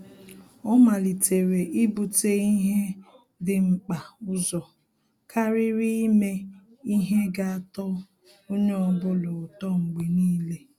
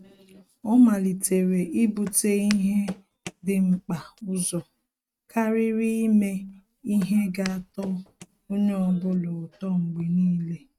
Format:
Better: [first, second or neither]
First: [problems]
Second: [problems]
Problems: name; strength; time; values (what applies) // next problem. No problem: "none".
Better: first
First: none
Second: noise reduction (neural mask model RNNoise)